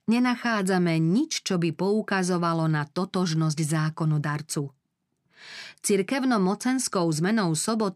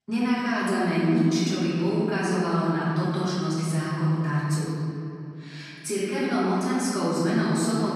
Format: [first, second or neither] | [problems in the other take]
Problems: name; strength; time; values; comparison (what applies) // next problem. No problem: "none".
first | off-mic speech; far // room echo; strong; dies away in 2.6 s